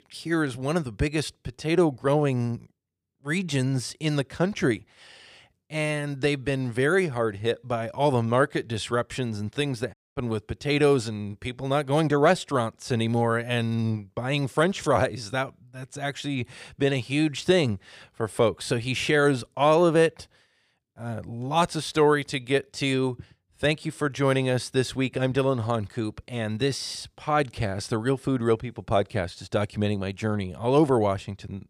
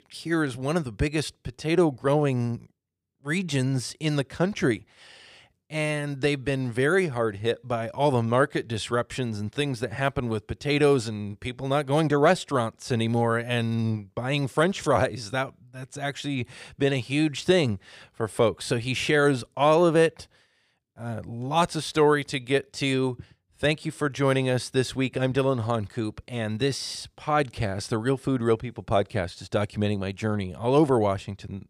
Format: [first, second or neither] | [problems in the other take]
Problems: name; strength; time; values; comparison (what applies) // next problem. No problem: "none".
second | audio cutting out; at 10 s